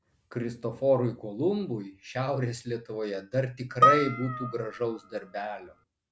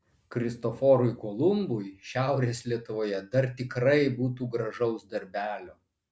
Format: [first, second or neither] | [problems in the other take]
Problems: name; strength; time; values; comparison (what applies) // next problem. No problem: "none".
second | background sound (Harp); 2 dB above the speech